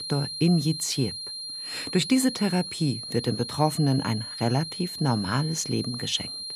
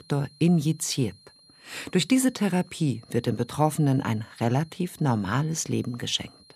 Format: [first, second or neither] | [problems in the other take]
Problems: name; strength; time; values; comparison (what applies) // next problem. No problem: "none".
second | high-pitched whine; loud; throughout; 4 kHz, 7 dB below the speech; faint in the second